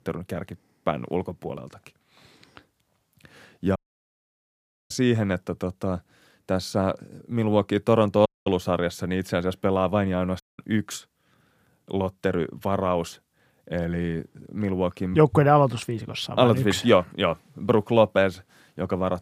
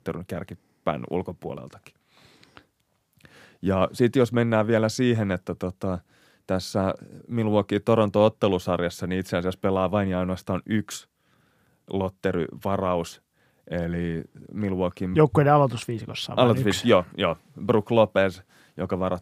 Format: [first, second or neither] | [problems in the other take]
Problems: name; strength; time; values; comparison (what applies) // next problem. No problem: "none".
second | audio cutting out; at 4 s for 1 s, at 8.5 s and at 10 s